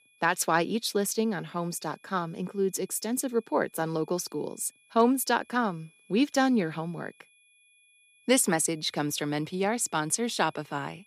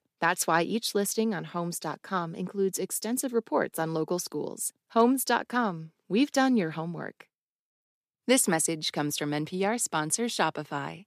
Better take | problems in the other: second | high-pitched whine; faint; throughout; 2.5 kHz, 30 dB below the speech

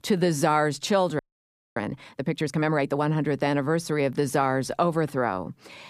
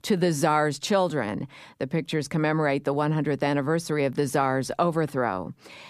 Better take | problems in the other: second | audio freezing; at 1 s for 0.5 s

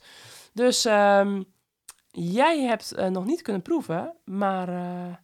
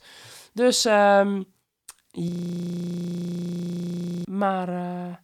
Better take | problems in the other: first | audio freezing; at 2.5 s for 2 s

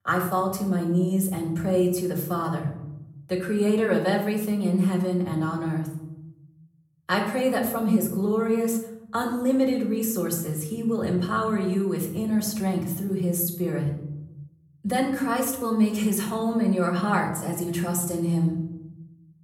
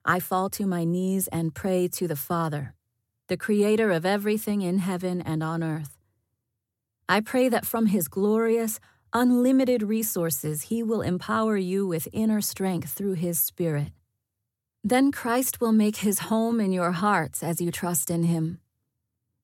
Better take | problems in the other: second | room echo; slight; dies away in 0.9 s // off-mic speech; somewhat distant

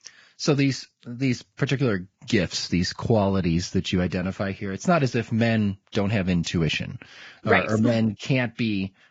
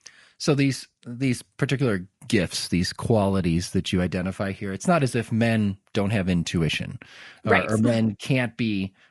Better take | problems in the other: second | garbled, watery; badly; nothing above 7.5 kHz; slightly in the second

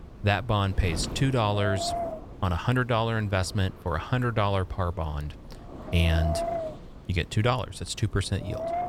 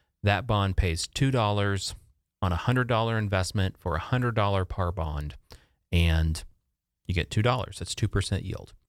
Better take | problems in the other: second | wind noise on the microphone; heavy; 4 dB below the speech

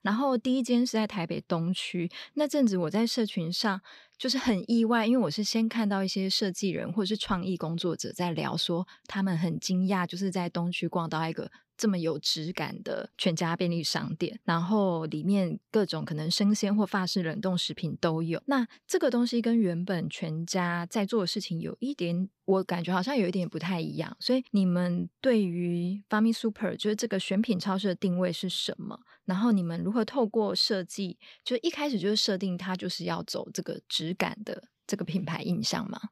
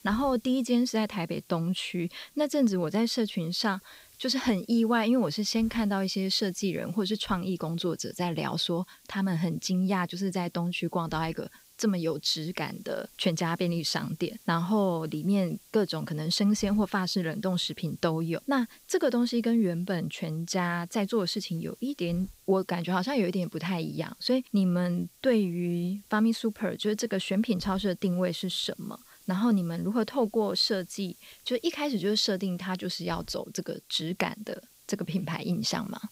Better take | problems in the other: first | hiss; faint; throughout; 25 dB below the speech

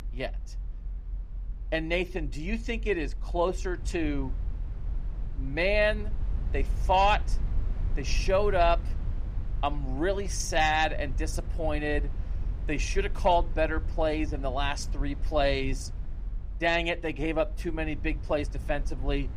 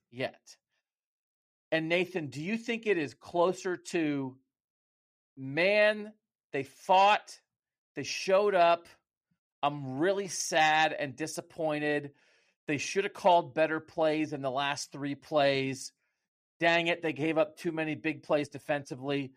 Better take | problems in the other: second | low rumble; faint; throughout; 25 dB below the speech

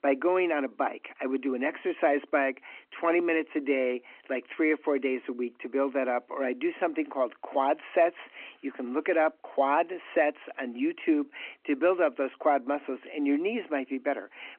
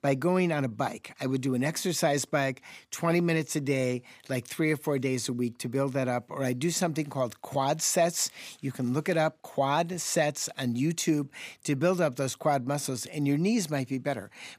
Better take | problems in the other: second | phone-call audio

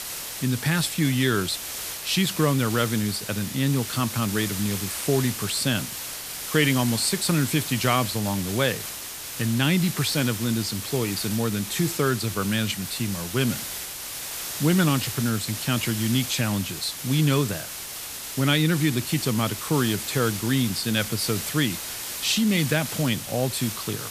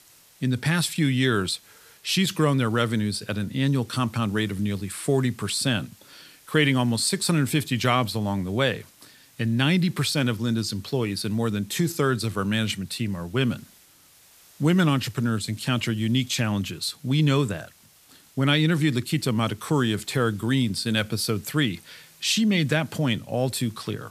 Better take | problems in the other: second | hiss; loud; throughout; 6 dB below the speech; faint in the second

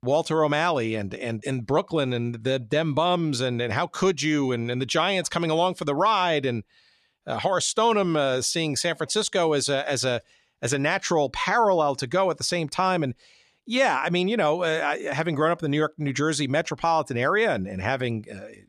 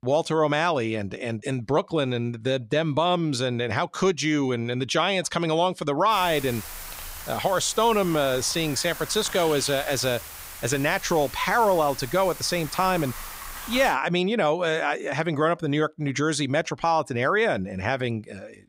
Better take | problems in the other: first | hiss; noticeable; from 6 to 14 s; 10 dB below the speech

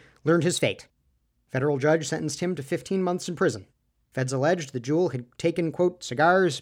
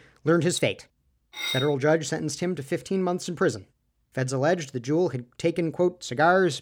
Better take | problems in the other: first | clattering dishes; noticeable; at 1.5 s; peak 3 dB below the speech

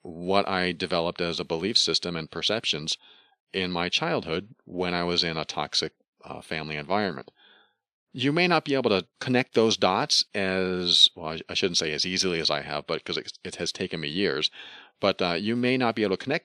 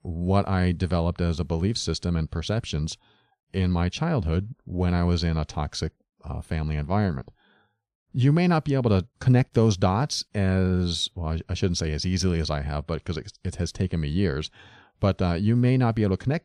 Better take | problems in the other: second | thin; somewhat; fading below 350 Hz

